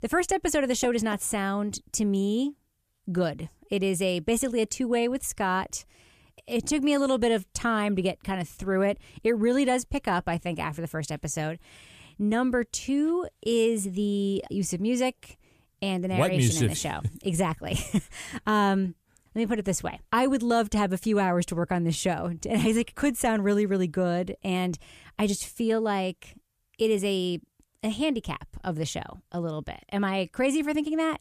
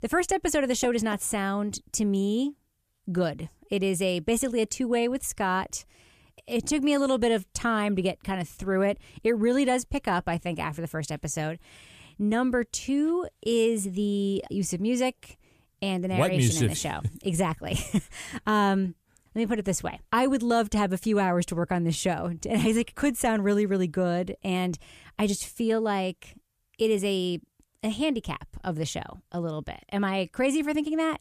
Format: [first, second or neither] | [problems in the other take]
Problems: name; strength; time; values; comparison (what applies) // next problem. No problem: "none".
neither | none